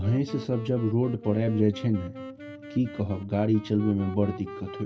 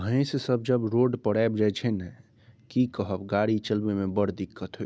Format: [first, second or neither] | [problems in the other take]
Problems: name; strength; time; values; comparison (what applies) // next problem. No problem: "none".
second | background sound (Wind instrument, woodwind instrument); 14 dB below the speech // room echo; dies away in 0.2 s